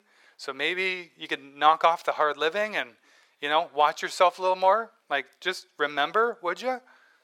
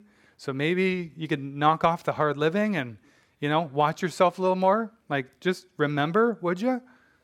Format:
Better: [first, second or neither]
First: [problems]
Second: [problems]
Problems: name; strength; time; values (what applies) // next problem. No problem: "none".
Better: second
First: thin; very; fading below 650 Hz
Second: none